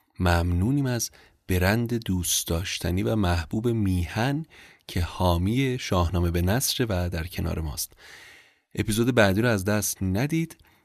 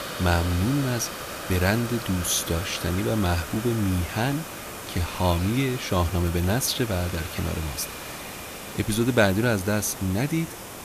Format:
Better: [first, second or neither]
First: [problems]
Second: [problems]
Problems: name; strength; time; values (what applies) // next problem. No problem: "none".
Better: first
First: none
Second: hiss; loud; throughout; 9 dB below the speech